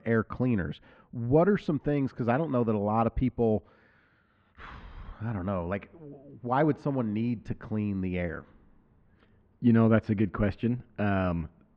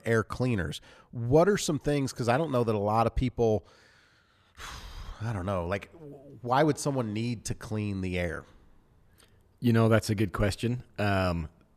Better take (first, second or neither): second